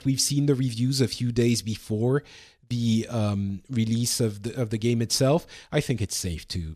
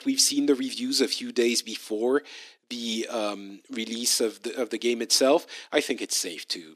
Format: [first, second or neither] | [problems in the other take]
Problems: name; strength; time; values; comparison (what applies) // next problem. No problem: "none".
first | thin; somewhat; fading below 300 Hz